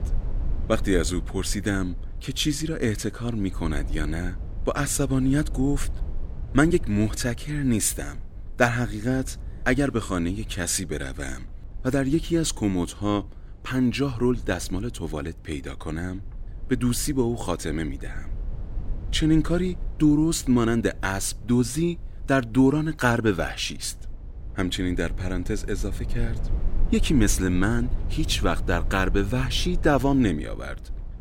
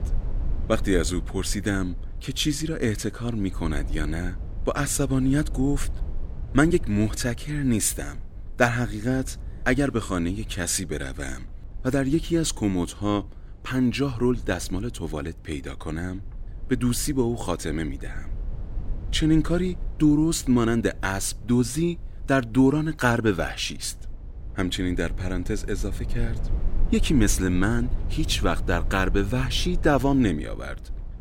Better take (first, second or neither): neither